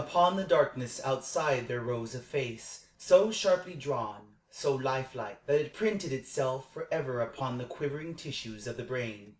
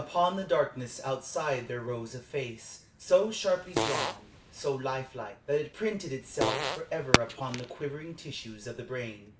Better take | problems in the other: first | background sound (Fireworks + Fart); 4 dB below the speech

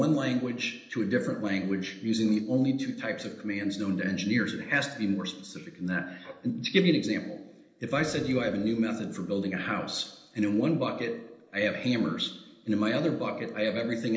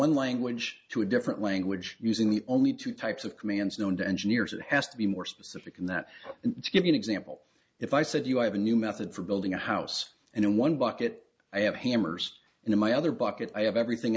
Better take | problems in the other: second | noise reduction (neural separator model SepFormer DNS4)

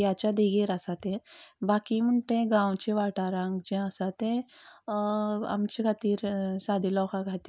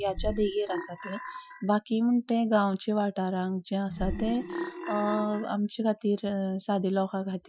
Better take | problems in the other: first | noise reduction (classical method Wiener filter)

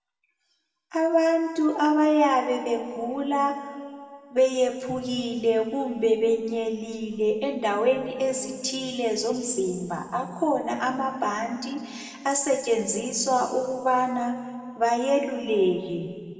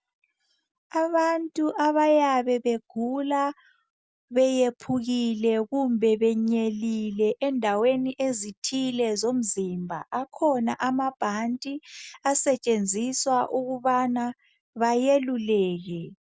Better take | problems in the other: second | room echo; dies away in 1.7 s

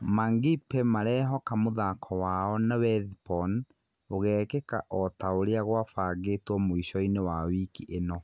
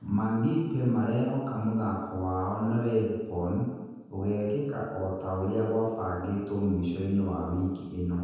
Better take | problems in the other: first | room echo; dies away in 1.2 s

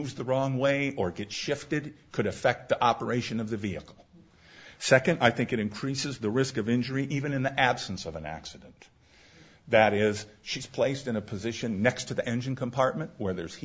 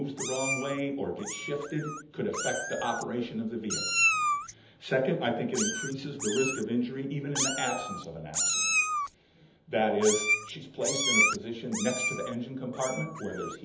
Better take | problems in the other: first | background sound (Meow); as loud as the speech // room echo; dies away in 1.2 s

